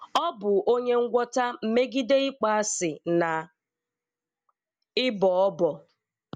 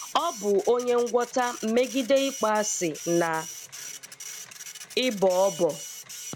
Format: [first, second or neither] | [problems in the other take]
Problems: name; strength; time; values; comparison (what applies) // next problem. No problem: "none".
first | background sound (Printer); 14 dB below the speech